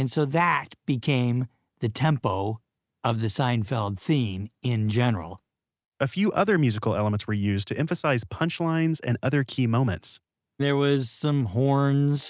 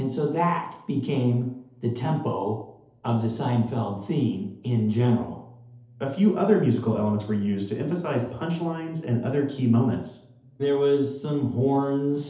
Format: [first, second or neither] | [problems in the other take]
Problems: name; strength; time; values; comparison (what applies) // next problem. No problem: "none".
first | room echo; dies away in 2.2 s